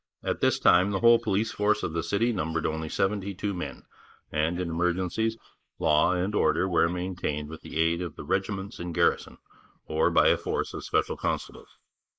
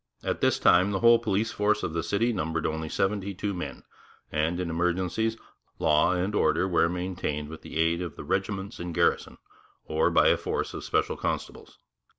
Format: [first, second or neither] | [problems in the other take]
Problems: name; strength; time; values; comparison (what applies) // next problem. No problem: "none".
second | noise reduction (neural mask model Resemble Enhance denoiser)